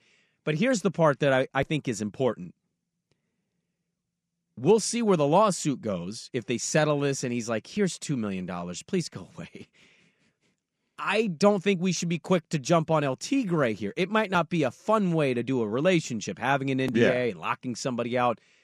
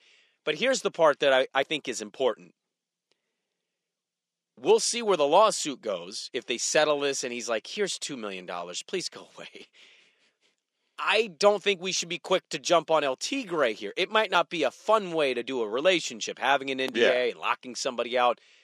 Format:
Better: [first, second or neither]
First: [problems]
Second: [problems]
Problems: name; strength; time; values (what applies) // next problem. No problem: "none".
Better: first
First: none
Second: thin; somewhat; fading below 500 Hz